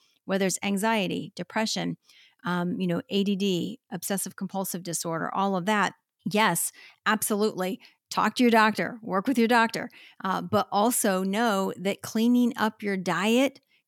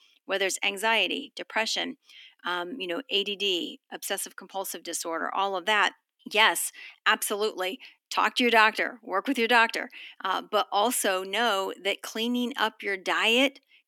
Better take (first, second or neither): first